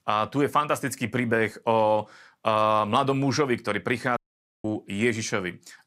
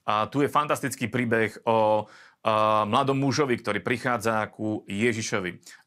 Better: second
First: audio cutting out; at 4 s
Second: none

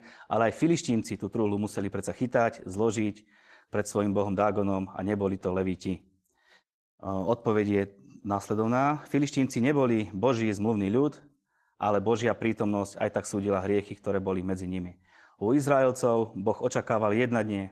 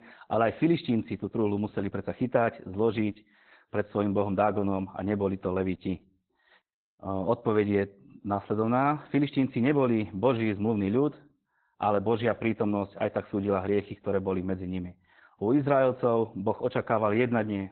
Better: first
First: garbled, watery; slightly; nothing above 13.5 kHz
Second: garbled, watery; badly; nothing above 4 kHz

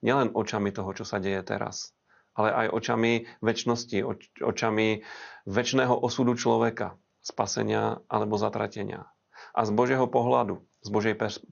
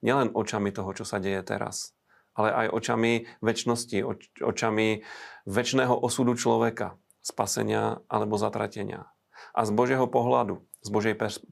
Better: second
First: garbled, watery; slightly; nothing above 6.5 kHz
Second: none

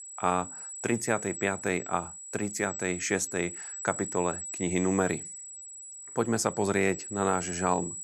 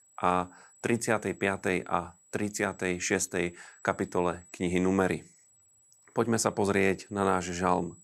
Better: second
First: high-pitched whine; loud; throughout; 8 kHz, 8 dB below the speech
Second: high-pitched whine; faint; throughout; 8 kHz, 25 dB below the speech

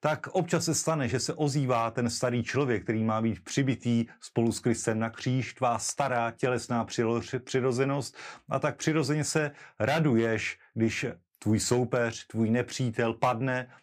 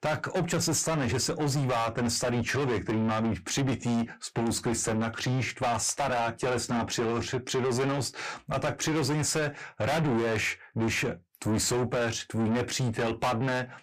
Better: first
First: none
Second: distortion; heavy; 6 dB below the speech

